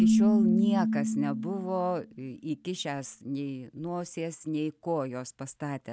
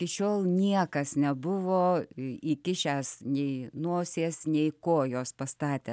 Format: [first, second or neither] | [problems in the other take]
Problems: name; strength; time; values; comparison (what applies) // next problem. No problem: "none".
second | background sound (Keyboard (musical)); 3 dB above the speech